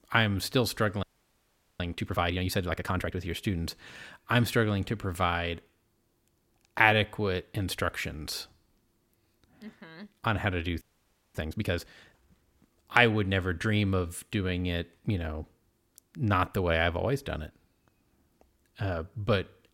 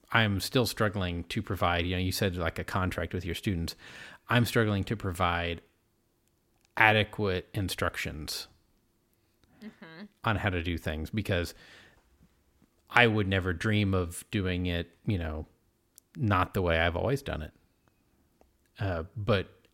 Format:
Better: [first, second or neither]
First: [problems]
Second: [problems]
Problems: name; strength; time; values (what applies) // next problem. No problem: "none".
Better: second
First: audio freezing; at 1 s for 1 s and at 11 s for 0.5 s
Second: none